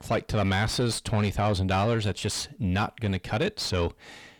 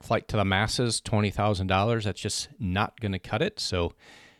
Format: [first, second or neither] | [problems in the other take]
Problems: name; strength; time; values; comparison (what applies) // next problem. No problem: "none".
second | distortion; slight; 10 dB below the speech